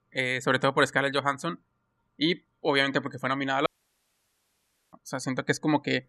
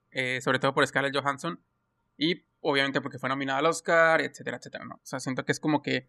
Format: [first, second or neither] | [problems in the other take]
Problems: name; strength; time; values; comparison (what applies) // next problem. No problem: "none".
second | audio cutting out; at 3.5 s for 1.5 s